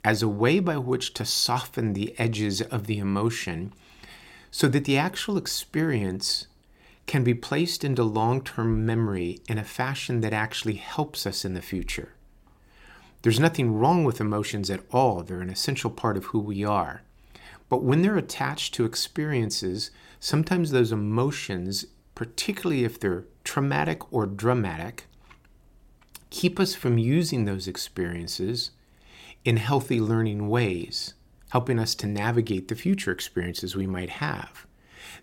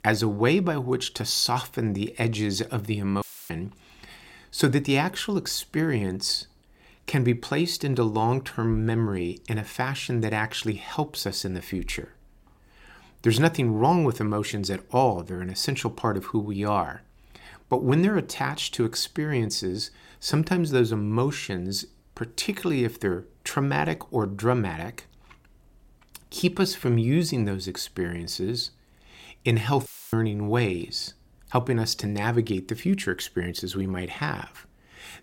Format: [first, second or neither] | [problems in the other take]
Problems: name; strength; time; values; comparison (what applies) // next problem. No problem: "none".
first | audio cutting out; filled with static; at 3 s and at 30 s